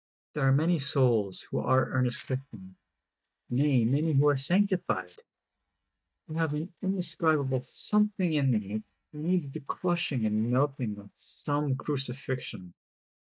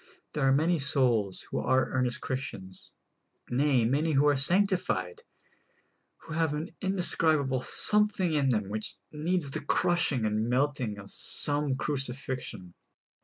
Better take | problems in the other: second | noise reduction (neural mask model DeepFilterNet 3)

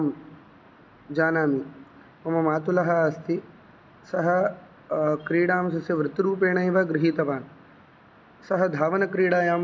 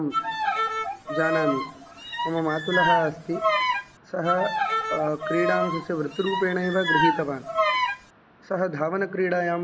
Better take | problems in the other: first | background sound (Bowed string instrument); 1 dB above the speech

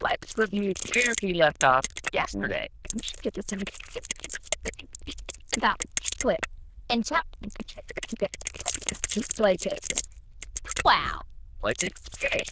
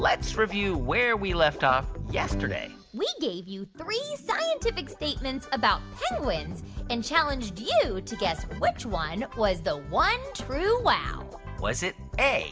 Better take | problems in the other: second | noise reduction (neural diffusion model UNIVERSE++)

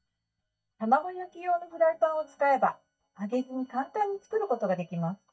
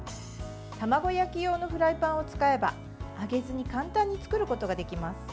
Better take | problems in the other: second | noise reduction (neural mask model DeepFilterNet 3)

